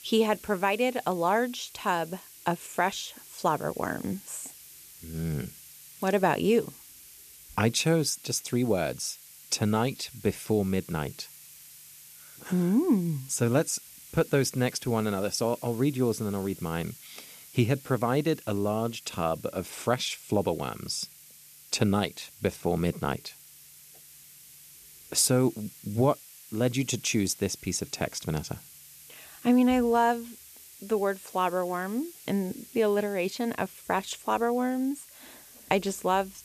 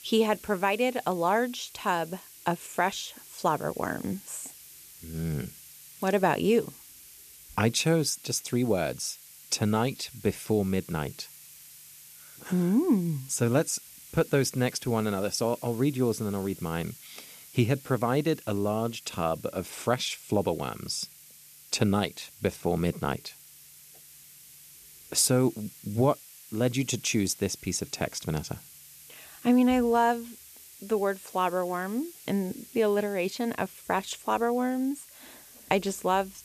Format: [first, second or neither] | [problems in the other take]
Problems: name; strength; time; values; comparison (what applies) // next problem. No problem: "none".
neither | hiss; noticeable; throughout; 20 dB below the speech; the same in both